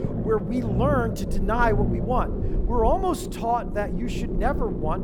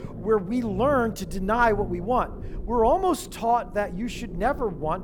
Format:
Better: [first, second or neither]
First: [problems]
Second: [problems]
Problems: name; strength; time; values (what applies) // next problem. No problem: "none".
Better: second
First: low rumble; loud; throughout; 10 dB below the speech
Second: low rumble; faint; throughout; 20 dB below the speech